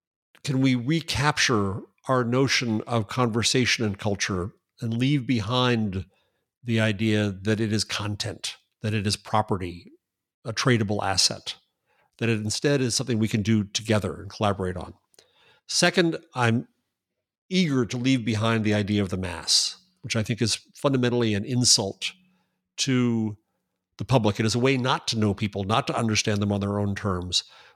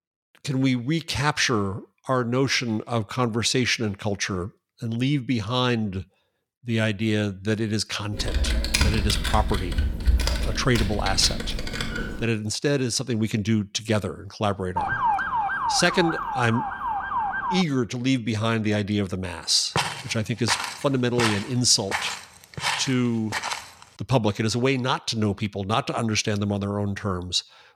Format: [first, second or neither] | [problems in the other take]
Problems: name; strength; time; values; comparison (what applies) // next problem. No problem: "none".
first | keyboard typing; loud; from 8 to 12 s; peak 2 dB above the speech // siren; loud; from 15 to 18 s; peak 2 dB above the speech // footsteps; noticeable; from 20 to 24 s; peak 1 dB below the speech